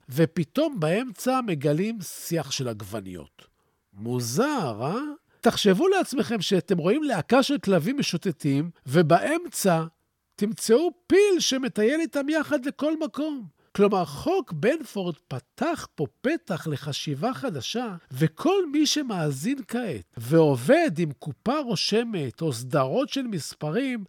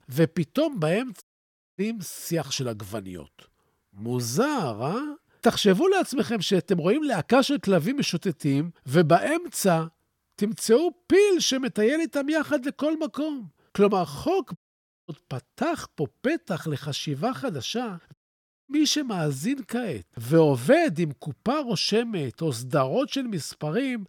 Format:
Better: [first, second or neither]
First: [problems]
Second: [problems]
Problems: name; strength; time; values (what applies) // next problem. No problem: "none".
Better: first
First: none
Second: audio cutting out; at 1 s for 0.5 s, at 15 s for 0.5 s and at 18 s for 0.5 s